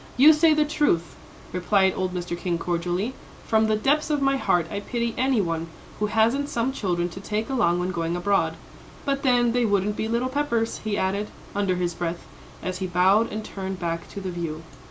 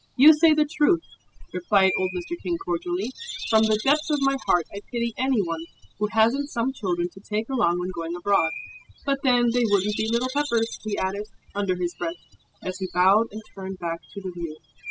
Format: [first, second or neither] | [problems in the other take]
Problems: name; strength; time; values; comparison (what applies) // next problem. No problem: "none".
first | noise reduction (classical method spectral subtraction)